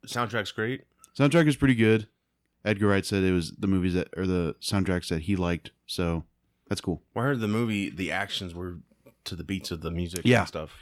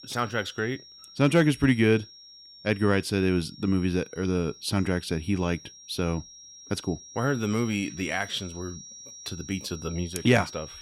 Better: first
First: none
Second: high-pitched whine; noticeable; throughout; 5.5 kHz, 15 dB below the speech

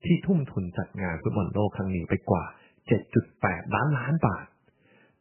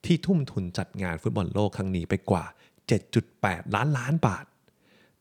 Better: second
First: garbled, watery; badly; nothing above 3 kHz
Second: none

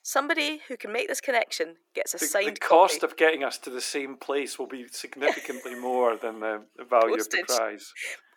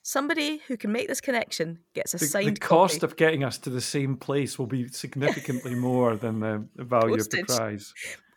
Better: second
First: thin; somewhat; fading below 300 Hz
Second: none

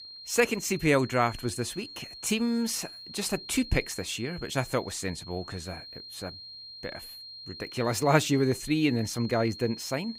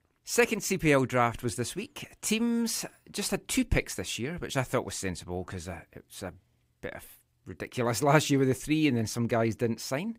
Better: second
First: high-pitched whine; noticeable; throughout; 4 kHz, 15 dB below the speech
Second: none

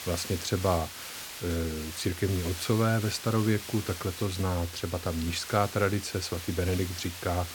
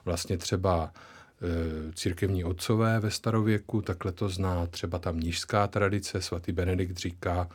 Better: second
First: hiss; loud; throughout; 9 dB below the speech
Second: none

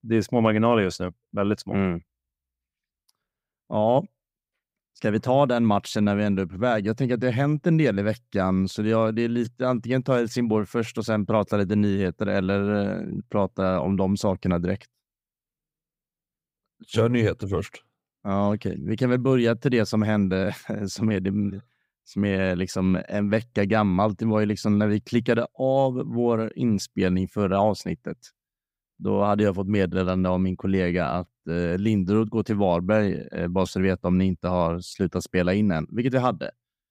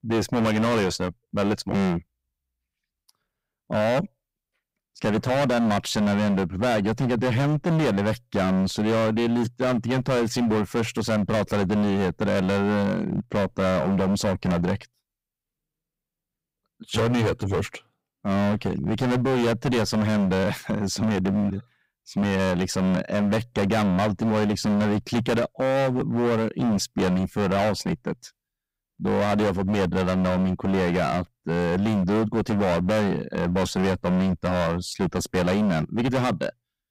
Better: first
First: none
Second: distortion; heavy; 23% of the sound clipped

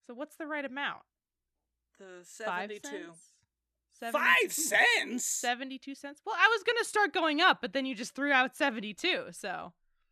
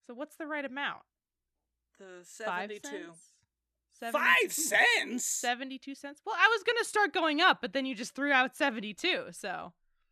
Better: neither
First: none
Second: none

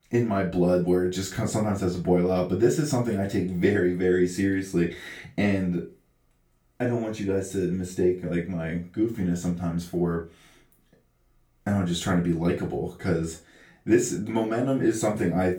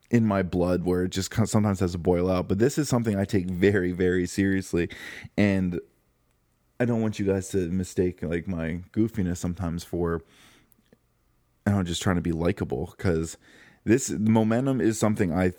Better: second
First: off-mic speech; far // room echo; slight; dies away in 0.2 s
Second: none

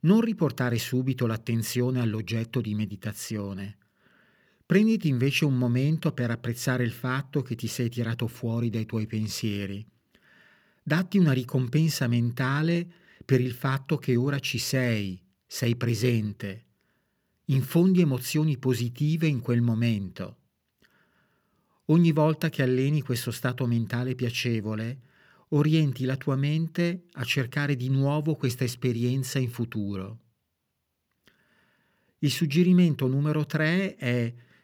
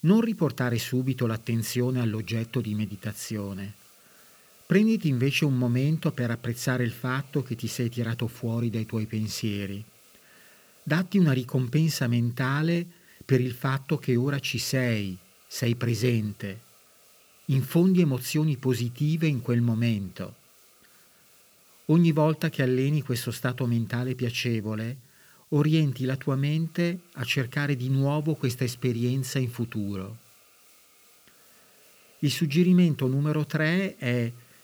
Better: first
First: none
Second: hiss; faint; throughout; 30 dB below the speech

